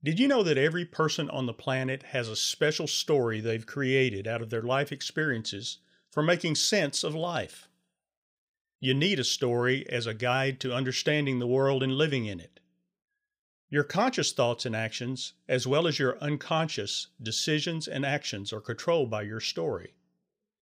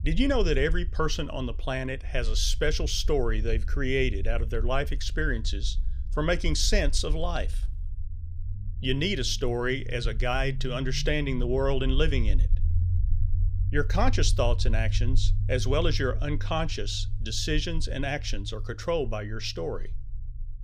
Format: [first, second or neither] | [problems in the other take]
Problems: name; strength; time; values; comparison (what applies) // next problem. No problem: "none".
first | low rumble; faint; throughout; 20 dB below the speech